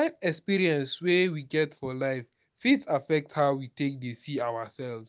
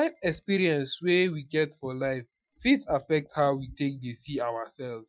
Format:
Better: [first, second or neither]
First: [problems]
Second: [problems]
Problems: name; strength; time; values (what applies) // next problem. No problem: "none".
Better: first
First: none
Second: noise reduction (classical method Wiener filter)